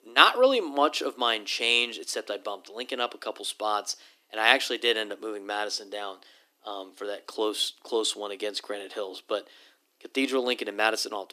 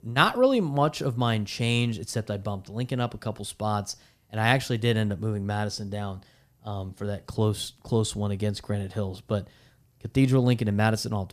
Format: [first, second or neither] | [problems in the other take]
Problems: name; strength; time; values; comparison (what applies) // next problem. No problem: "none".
second | thin; very; fading below 300 Hz